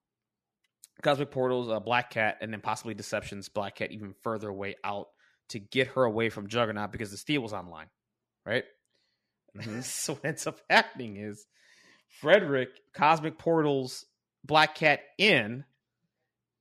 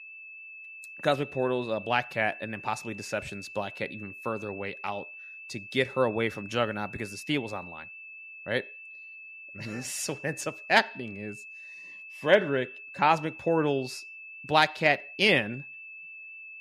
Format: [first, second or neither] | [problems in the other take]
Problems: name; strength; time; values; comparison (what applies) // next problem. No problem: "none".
first | high-pitched whine; noticeable; throughout; 2.5 kHz, 15 dB below the speech